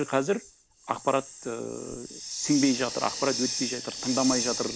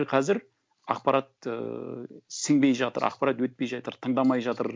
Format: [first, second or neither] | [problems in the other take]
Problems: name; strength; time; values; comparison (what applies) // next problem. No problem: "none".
second | background sound (Hiss); 6 dB below the speech